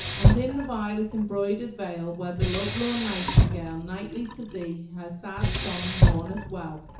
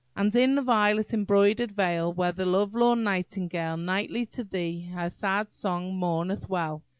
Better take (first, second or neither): second